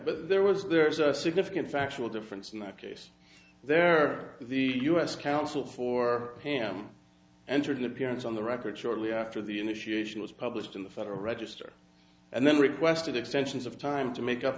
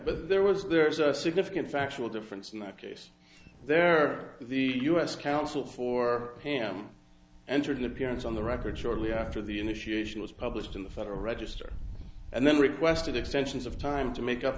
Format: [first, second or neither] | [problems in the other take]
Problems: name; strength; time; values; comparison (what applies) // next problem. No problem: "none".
first | background sound (Wind); 13 dB below the speech